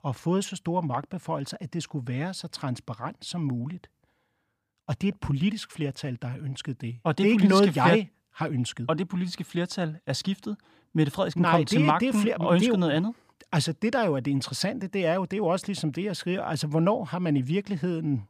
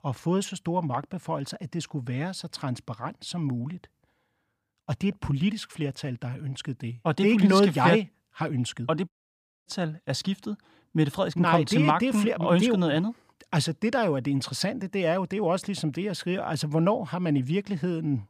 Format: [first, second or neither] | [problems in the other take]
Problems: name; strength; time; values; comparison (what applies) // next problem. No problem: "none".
first | audio cutting out; at 9 s for 0.5 s